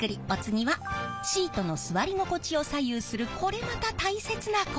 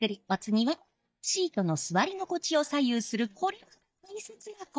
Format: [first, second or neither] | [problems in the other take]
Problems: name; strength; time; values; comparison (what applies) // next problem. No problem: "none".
first | noise reduction (neural mask model DeepFilterNet 3)